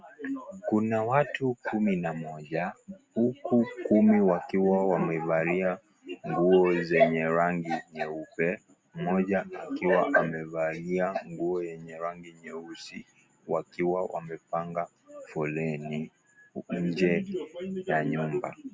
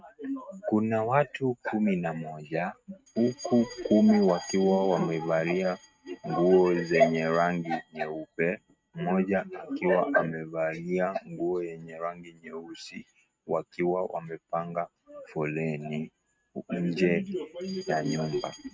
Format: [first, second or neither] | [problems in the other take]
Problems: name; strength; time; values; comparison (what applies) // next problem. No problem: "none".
first | noise reduction (neural mask model RNNoise)